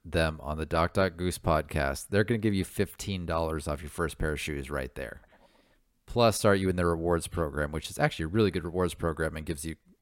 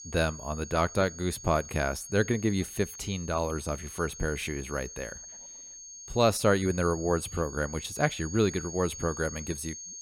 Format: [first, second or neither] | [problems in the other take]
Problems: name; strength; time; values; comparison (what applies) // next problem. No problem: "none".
first | high-pitched whine; noticeable; throughout; 6.5 kHz, 10 dB below the speech